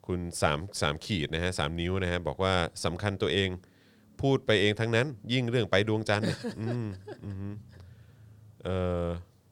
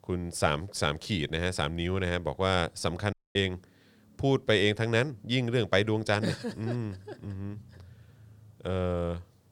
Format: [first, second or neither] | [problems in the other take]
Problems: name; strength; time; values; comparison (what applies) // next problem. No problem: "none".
first | audio cutting out; at 3 s